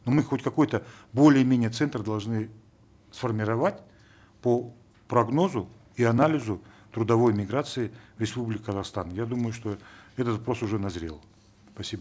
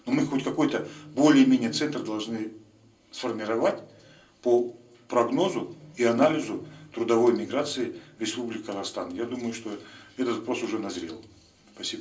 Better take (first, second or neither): first